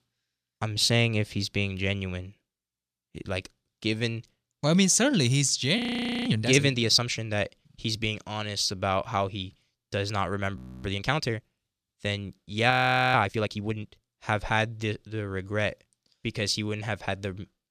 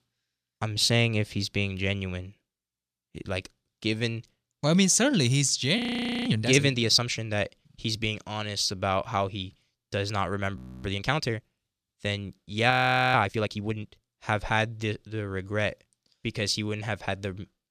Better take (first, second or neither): neither